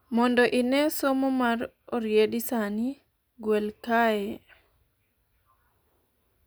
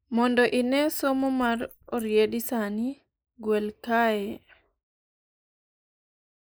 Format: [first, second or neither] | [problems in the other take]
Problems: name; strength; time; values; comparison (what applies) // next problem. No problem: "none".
first | noise reduction (neural mask model Resemble Enhance denoiser)